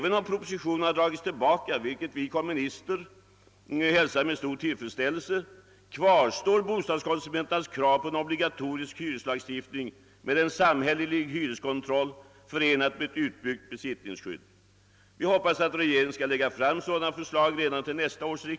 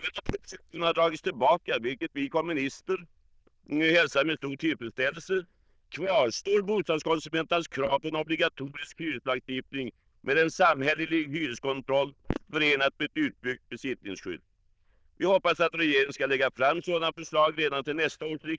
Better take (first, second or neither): first